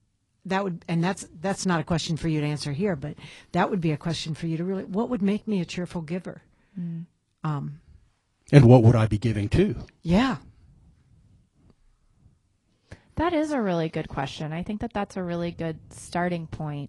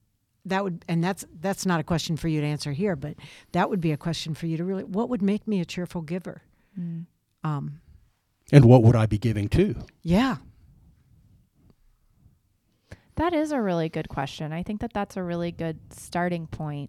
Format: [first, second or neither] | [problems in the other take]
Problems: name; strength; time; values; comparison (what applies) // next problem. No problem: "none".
second | garbled, watery; slightly; nothing above 10.5 kHz